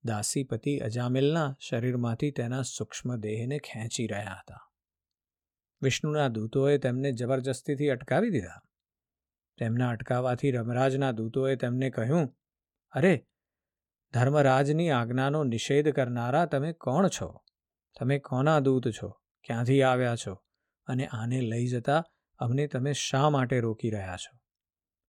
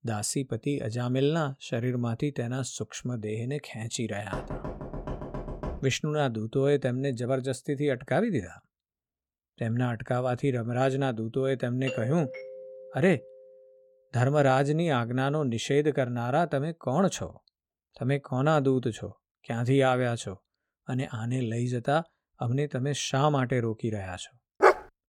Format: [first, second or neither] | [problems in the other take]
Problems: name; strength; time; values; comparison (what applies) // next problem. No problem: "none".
first | door banging; noticeable; from 4.5 to 6 s; peak 8 dB below the speech // doorbell; noticeable; from 12 to 13 s; peak 8 dB below the speech // dog barking; loud; at 25 s; peak 6 dB above the speech